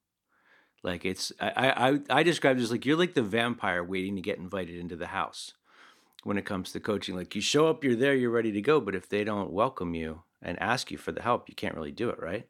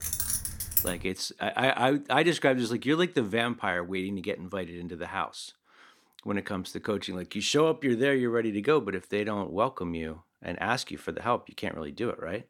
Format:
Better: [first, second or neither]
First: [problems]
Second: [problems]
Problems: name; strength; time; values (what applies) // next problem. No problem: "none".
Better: first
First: none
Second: jangling keys; loud; at the start; peak 2 dB above the speech